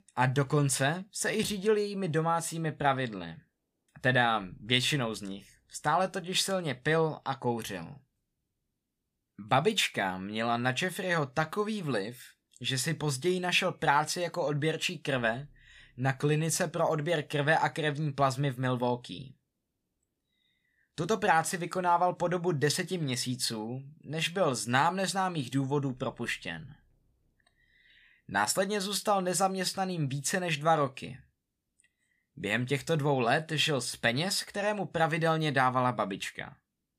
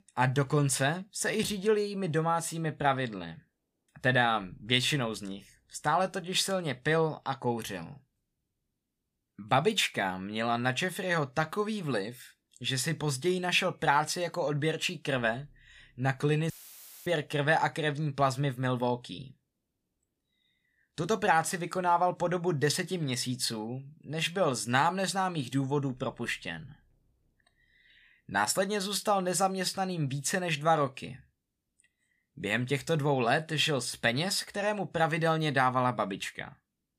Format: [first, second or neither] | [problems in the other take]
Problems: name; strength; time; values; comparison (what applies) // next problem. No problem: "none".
first | audio cutting out; filled with static; at 17 s for 0.5 s